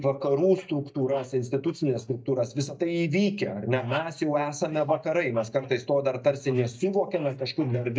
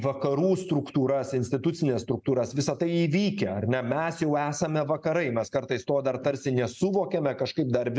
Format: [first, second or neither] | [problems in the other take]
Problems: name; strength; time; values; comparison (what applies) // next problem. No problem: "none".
second | noise reduction (neural mask model DeepFilterNet 3)